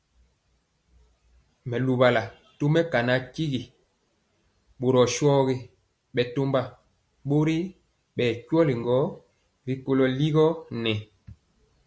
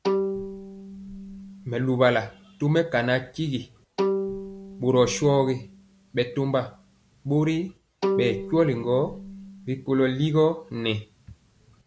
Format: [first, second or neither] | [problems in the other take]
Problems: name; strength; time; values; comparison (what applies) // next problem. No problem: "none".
first | background sound (Bowed string instrument); 8 dB below the speech